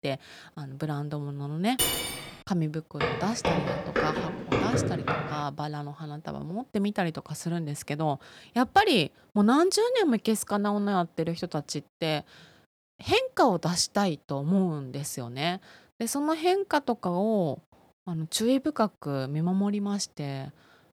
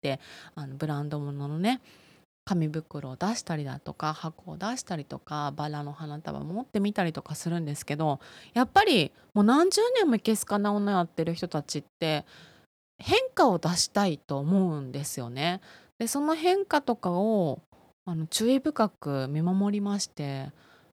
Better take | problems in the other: second | clattering dishes; loud; at 2 s; peak 3 dB above the speech // footsteps; loud; from 3 to 5.5 s; peak 2 dB above the speech

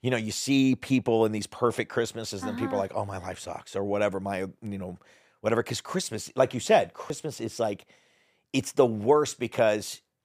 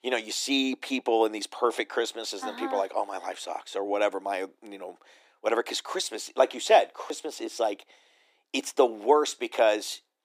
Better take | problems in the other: first | thin; somewhat; fading below 300 Hz

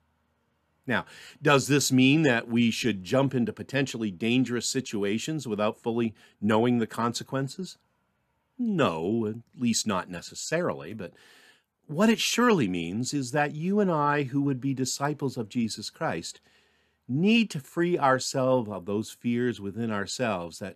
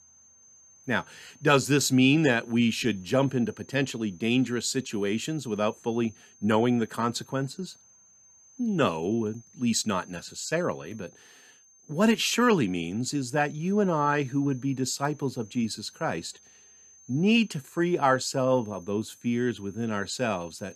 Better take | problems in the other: first | high-pitched whine; faint; throughout; 6.5 kHz, 25 dB below the speech

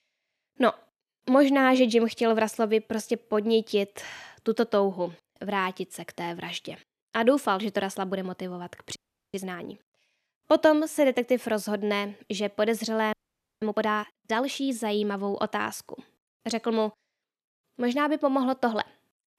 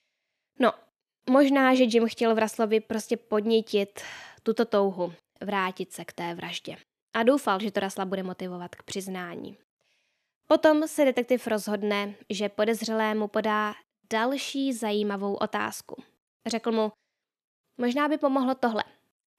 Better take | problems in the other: second | audio freezing; at 9 s and at 13 s

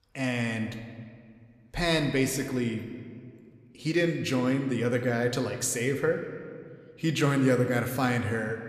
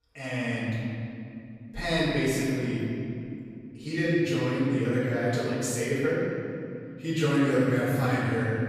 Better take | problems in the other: first | room echo; strong; dies away in 2.8 s; slight in the first // off-mic speech; far

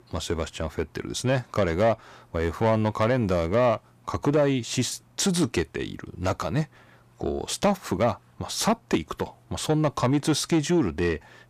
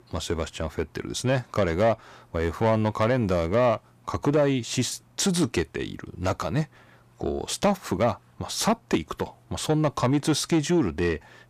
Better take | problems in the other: neither | distortion; slight; 10 dB below the speech; the same in both

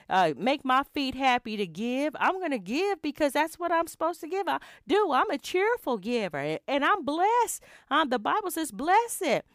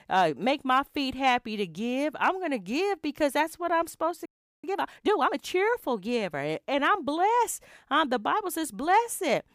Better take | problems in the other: first | audio freezing; at 4.5 s

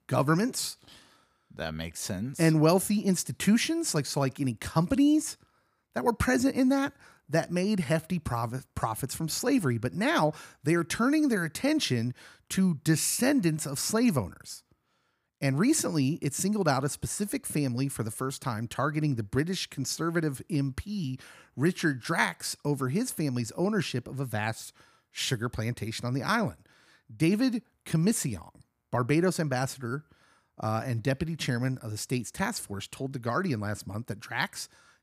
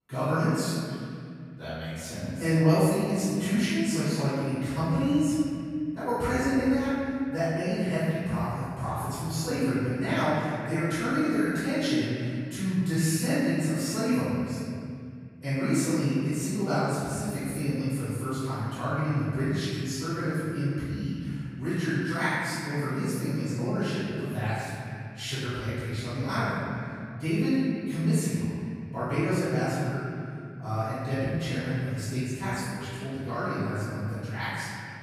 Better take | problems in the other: first | off-mic speech; far // room echo; strong; dies away in 2.5 s

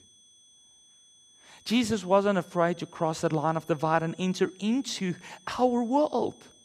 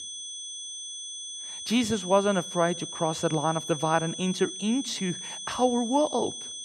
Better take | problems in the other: first | high-pitched whine; loud; throughout; 3.5 kHz, 8 dB below the speech; faint in the first

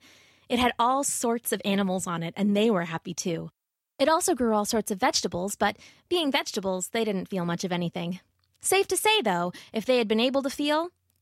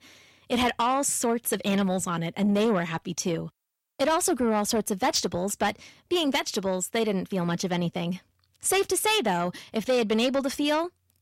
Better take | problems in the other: first | distortion; slight; 10 dB below the speech

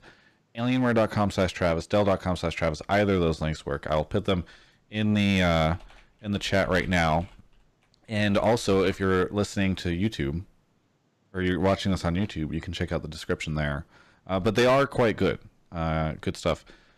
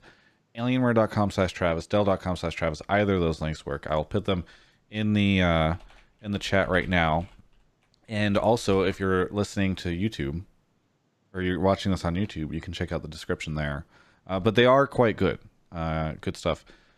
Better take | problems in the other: second | distortion; slight; 5% of the sound clipped

